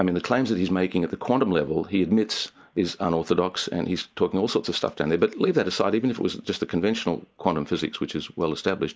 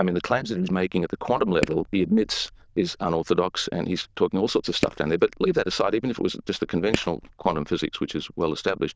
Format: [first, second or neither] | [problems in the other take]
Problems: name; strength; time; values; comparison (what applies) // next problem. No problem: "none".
first | noise reduction (neural diffusion model UNIVERSE++)